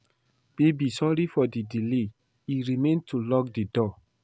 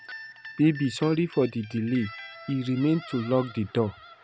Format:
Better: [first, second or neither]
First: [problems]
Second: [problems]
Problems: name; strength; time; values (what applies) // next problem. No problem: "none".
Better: first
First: none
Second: background sound (Guitar); 18 dB below the speech